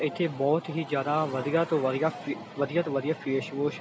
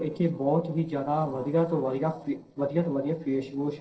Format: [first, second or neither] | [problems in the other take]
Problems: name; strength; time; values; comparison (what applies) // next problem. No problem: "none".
first | noise reduction (neural separator model SepFormer DNS4)